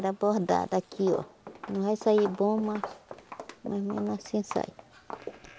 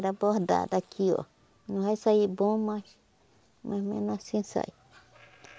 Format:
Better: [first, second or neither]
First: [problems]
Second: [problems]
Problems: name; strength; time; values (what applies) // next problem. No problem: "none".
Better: second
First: background sound (Walk, footsteps); 14 dB below the speech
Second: none